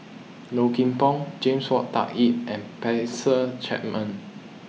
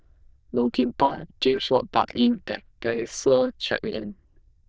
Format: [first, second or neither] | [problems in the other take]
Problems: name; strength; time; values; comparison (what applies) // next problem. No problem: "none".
first | noise reduction (neural diffusion model UNIVERSE++)